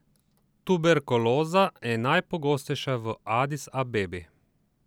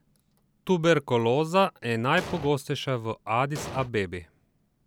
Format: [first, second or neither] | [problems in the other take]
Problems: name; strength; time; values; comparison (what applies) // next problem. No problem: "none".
first | background sound (Explosion); 10 dB below the speech